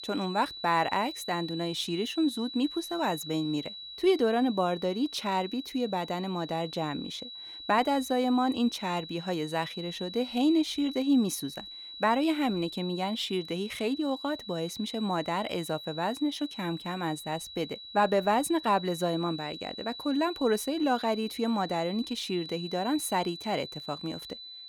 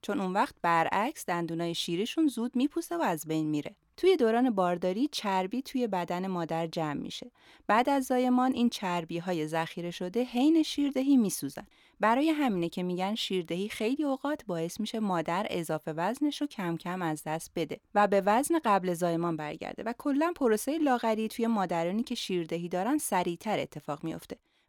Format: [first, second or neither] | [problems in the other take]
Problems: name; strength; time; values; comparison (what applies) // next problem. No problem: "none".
second | high-pitched whine; noticeable; throughout; 4 kHz, 10 dB below the speech